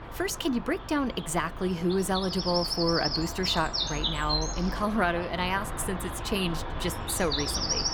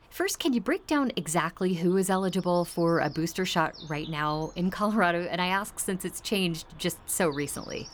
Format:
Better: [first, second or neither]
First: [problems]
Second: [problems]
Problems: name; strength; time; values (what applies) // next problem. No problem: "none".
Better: second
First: animal sounds; loud; throughout; 2 dB below the speech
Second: animal sounds; faint; throughout; 20 dB below the speech